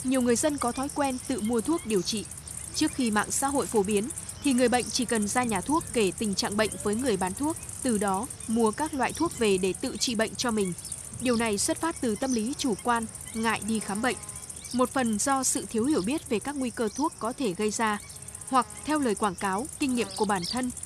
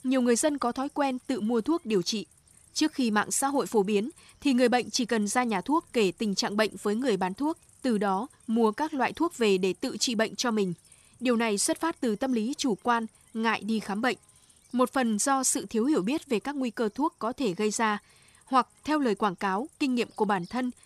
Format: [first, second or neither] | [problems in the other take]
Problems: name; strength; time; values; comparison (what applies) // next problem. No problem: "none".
second | animal sounds; loud; throughout; 9 dB below the speech; faint in the second